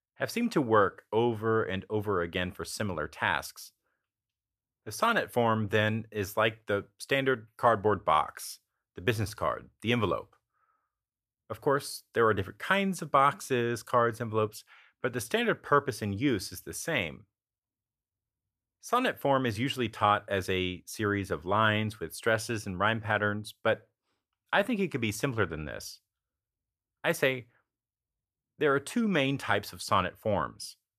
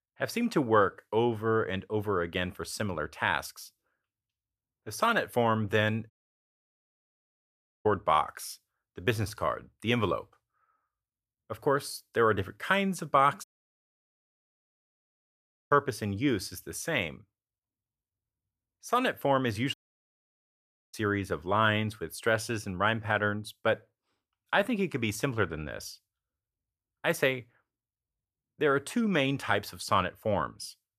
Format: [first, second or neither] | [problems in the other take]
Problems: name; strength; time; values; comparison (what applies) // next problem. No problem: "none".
first | audio cutting out; at 6 s for 2 s, at 13 s for 2.5 s and at 20 s for 1 s